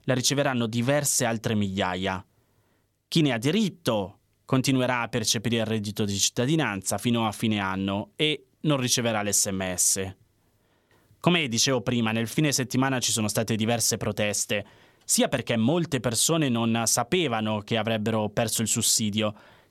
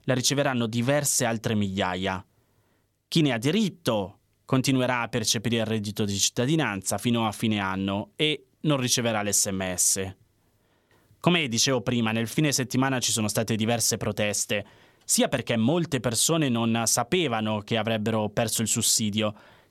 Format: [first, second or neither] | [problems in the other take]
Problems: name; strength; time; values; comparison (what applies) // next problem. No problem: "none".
neither | none